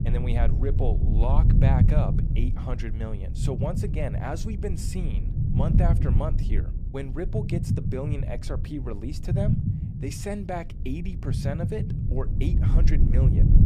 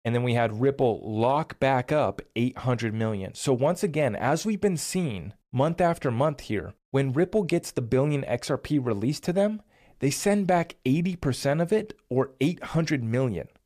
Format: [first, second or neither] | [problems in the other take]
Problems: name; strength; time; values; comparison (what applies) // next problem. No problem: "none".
second | low rumble; loud; throughout; 3 dB below the speech